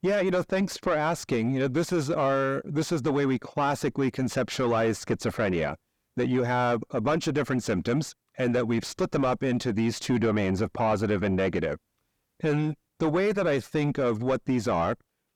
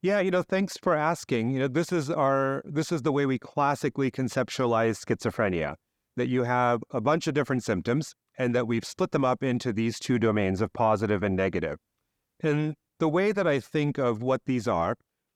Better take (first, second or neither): second